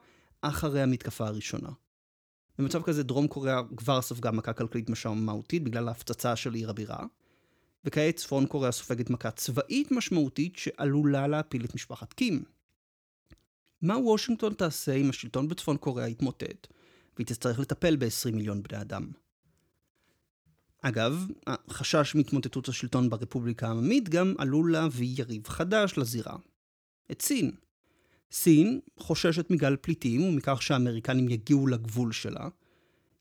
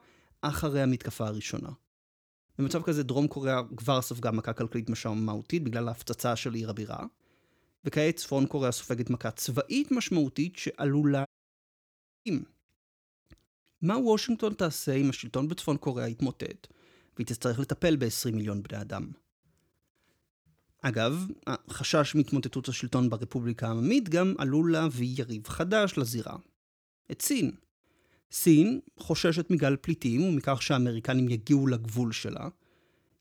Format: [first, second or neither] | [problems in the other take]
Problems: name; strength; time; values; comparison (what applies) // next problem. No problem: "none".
first | audio cutting out; at 11 s for 1 s